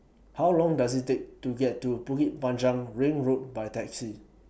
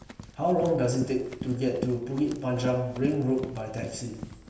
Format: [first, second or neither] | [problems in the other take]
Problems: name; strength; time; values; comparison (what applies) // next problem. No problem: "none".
first | background sound (Run); 12 dB below the speech // room echo; dies away in 0.9 s